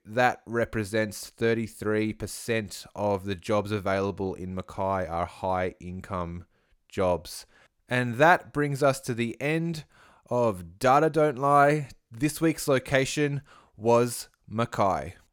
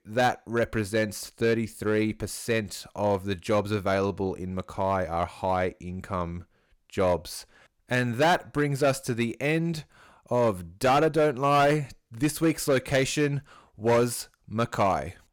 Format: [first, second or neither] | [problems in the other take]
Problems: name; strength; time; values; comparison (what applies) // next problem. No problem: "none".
first | distortion; slight; 4% of the sound clipped